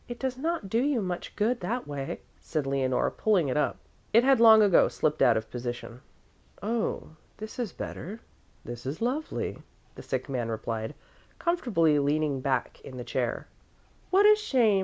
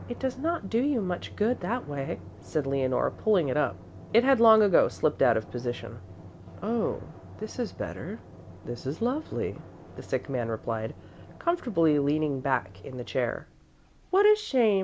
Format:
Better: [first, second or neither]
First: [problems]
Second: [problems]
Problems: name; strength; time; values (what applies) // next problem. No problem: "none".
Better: first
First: none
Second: background sound (Drum); 18 dB below the speech